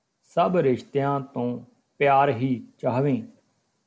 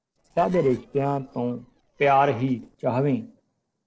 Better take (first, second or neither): first